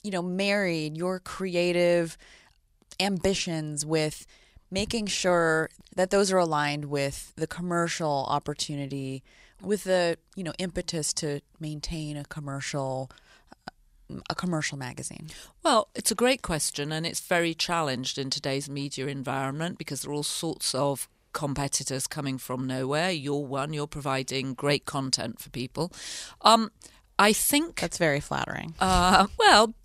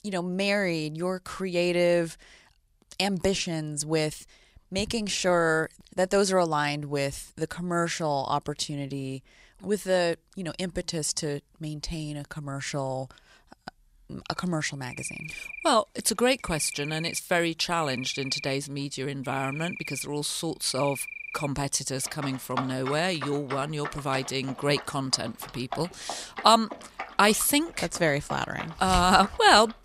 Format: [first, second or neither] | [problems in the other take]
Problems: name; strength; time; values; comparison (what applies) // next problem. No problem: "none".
first | animal sounds; noticeable; from 15 s on; 10 dB below the speech